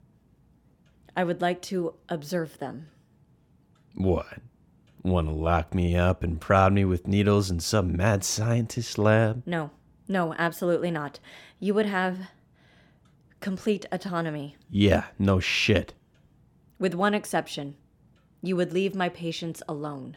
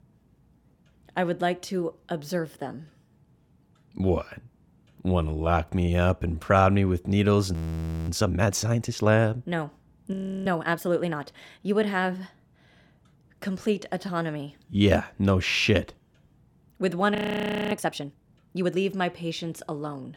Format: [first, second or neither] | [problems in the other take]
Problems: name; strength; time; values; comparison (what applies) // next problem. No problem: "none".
first | audio freezing; at 7.5 s for 0.5 s, at 10 s and at 17 s for 0.5 s